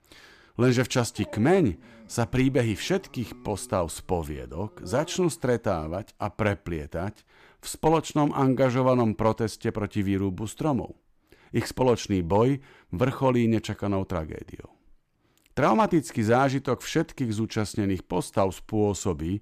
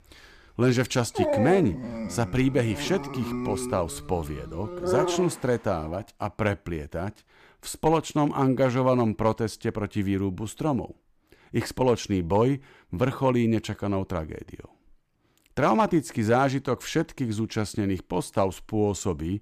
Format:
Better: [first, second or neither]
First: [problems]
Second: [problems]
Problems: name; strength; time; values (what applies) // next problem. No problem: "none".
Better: first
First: animal sounds; faint; until 5.5 s; 25 dB below the speech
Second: animal sounds; loud; until 5.5 s; 5 dB below the speech